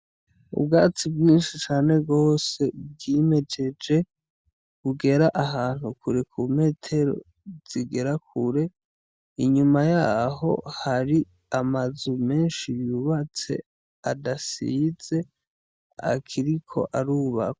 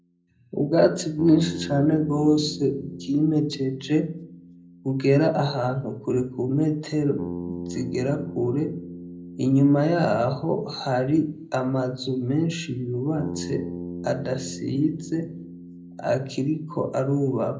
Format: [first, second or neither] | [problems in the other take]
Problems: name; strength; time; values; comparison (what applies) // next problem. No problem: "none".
first | background sound (Bass guitar); 13 dB below the speech // room echo; dies away in 0.4 s